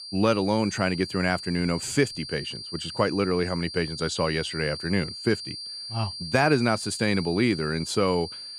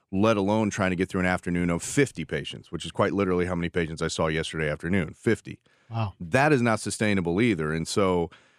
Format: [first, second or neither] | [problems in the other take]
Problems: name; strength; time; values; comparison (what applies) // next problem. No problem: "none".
second | high-pitched whine; loud; throughout; 4.5 kHz, 9 dB below the speech